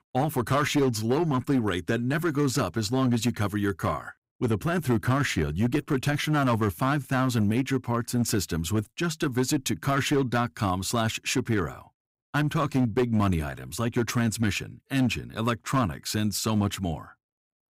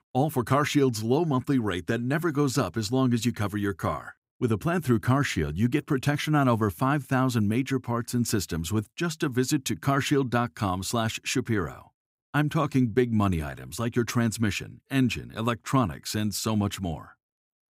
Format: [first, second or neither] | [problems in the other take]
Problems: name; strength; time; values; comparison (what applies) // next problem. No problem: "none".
second | distortion; slight; 7% of the sound clipped